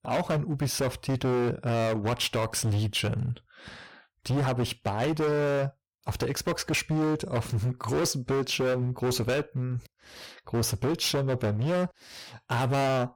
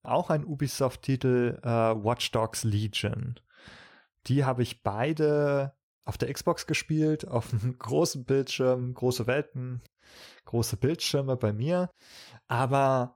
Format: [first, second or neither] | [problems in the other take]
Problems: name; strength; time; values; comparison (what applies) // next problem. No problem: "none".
second | distortion; heavy; 21% of the sound clipped